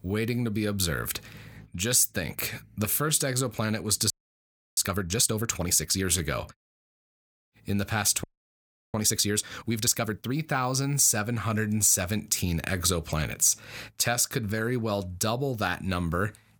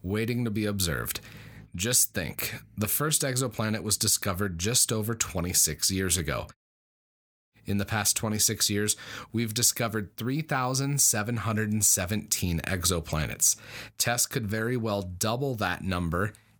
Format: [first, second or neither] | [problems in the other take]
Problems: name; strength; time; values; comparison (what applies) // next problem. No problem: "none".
second | audio freezing; at 4 s for 0.5 s and at 8 s for 0.5 s